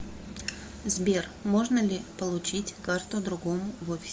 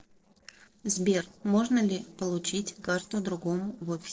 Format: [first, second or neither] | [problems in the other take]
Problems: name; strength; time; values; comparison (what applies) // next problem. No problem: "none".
first | noise reduction (neural separator model SepFormer DNS4)